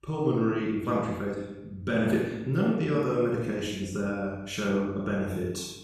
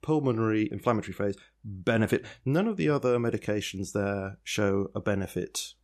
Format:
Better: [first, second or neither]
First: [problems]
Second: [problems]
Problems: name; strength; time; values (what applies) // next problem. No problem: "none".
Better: second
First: off-mic speech; far // room echo; noticeable; dies away in 0.8 s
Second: none